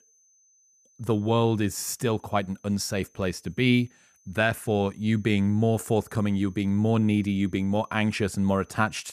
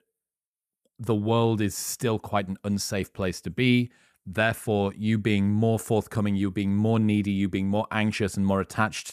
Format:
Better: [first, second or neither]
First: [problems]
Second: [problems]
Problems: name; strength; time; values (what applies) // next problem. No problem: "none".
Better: second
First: high-pitched whine; faint; throughout; 6 kHz, 35 dB below the speech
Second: none